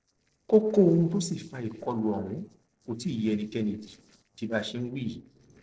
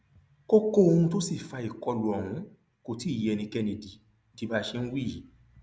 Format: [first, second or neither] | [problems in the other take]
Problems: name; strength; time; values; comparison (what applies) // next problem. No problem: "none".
second | noise reduction (neural separator model SepFormer DNS4)